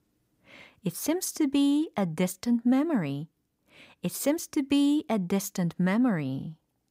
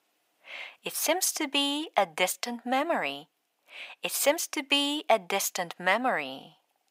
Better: first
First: none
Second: thin; very; fading below 700 Hz

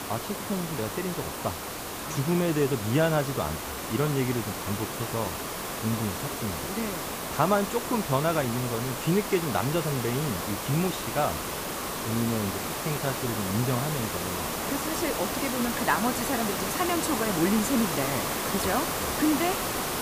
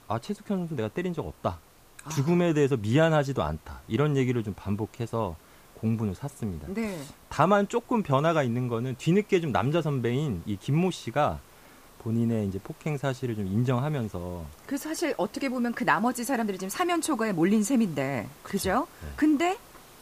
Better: second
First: hiss; loud; throughout; 2 dB below the speech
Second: hiss; faint; throughout; 25 dB below the speech

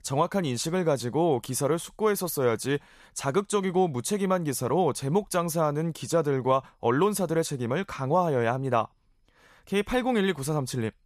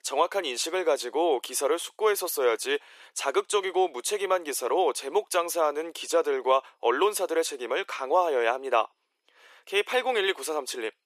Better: first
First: none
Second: thin; very; fading below 350 Hz

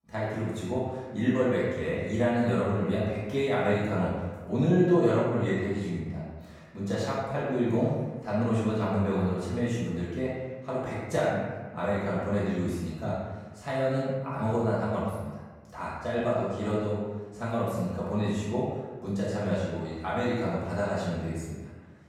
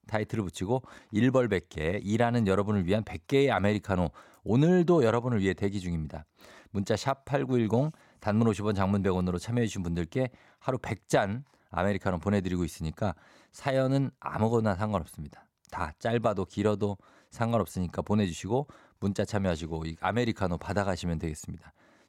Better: second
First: room echo; strong; dies away in 1.2 s // off-mic speech; far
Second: none

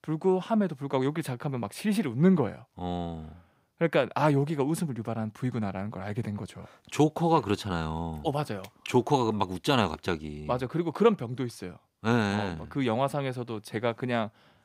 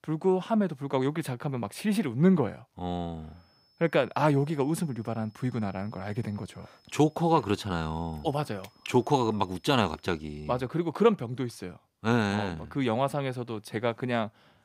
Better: first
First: none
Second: high-pitched whine; faint; from 3.5 to 11 s; 5 kHz, 35 dB below the speech

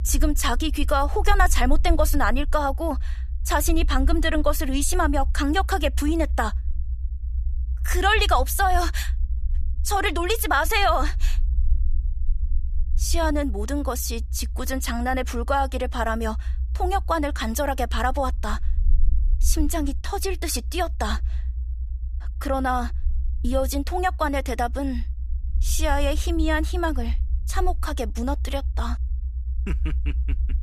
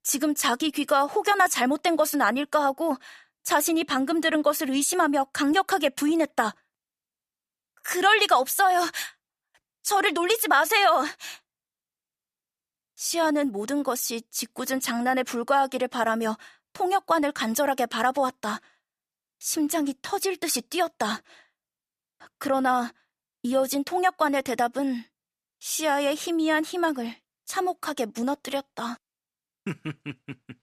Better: second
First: low rumble; faint; throughout; 25 dB below the speech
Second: none

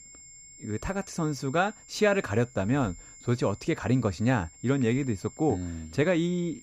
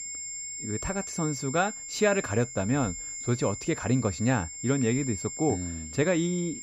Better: first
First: high-pitched whine; faint; throughout; 7.5 kHz, 20 dB below the speech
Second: high-pitched whine; loud; throughout; 7.5 kHz, 7 dB below the speech

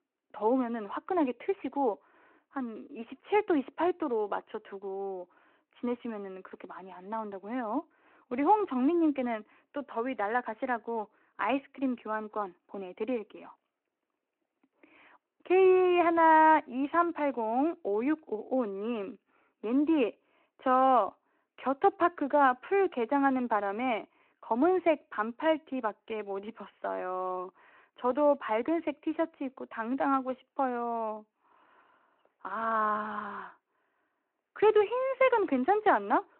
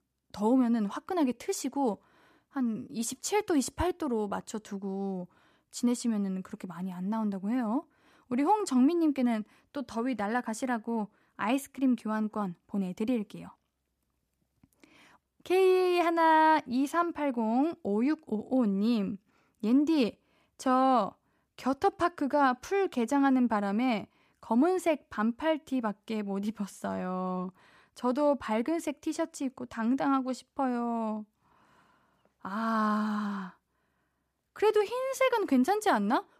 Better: second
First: phone-call audio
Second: none

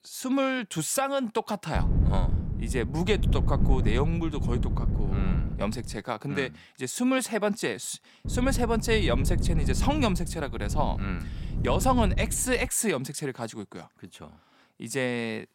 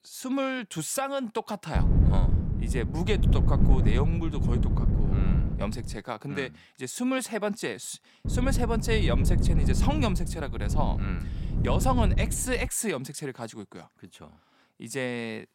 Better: first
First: wind noise on the microphone; occasional gusts; from 2 to 6 s and from 8.5 to 13 s; 10 dB below the speech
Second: wind noise on the microphone; heavy; from 2 to 6 s and from 8.5 to 13 s; 7 dB below the speech

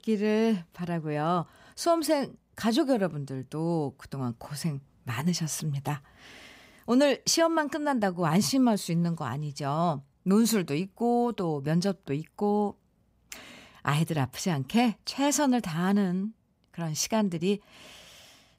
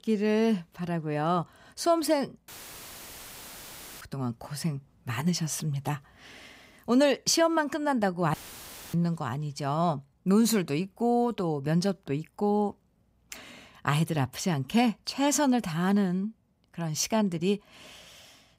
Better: first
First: none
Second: audio cutting out; filled with static; at 2.5 s for 1.5 s and at 8.5 s for 0.5 s

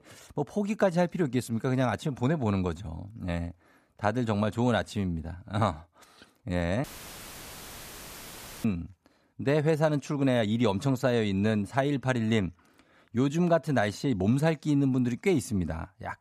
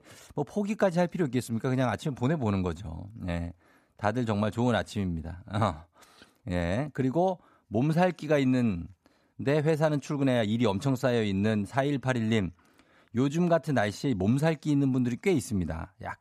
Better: second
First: audio cutting out; filled with static; at 7 s for 2 s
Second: none

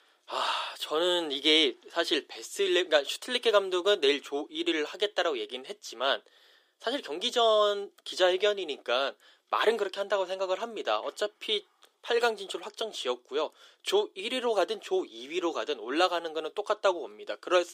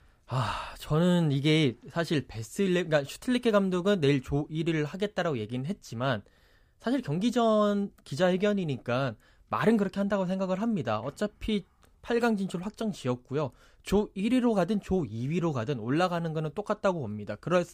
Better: second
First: thin; very; fading below 350 Hz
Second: none

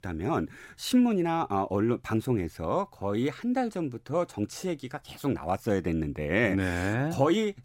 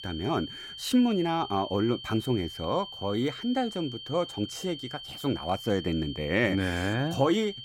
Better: first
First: none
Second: high-pitched whine; noticeable; throughout; 3 kHz, 10 dB below the speech

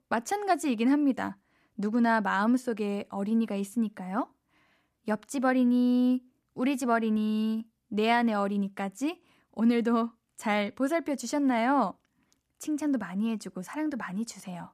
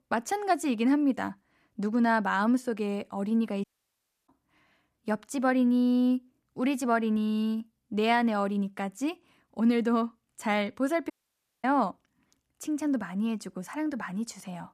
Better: first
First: none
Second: audio cutting out; at 3.5 s for 0.5 s and at 11 s for 0.5 s

